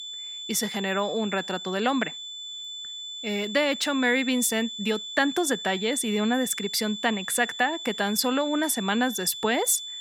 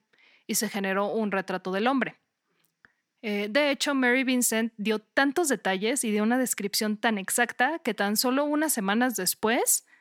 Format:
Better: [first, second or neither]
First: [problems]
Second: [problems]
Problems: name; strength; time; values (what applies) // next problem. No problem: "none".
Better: second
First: high-pitched whine; loud; throughout; 3.5 kHz, 9 dB below the speech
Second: none